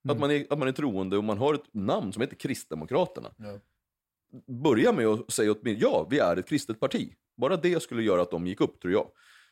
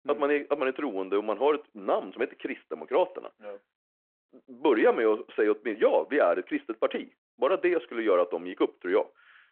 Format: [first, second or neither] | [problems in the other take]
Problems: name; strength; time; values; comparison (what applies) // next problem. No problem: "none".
first | phone-call audio